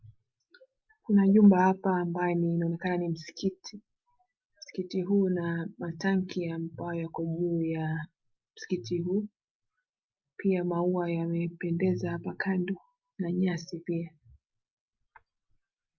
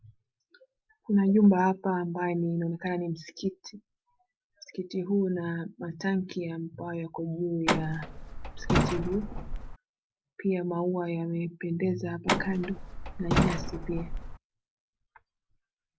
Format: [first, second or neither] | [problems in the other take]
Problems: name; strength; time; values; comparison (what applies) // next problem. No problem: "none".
first | background sound (Truck); as loud as the speech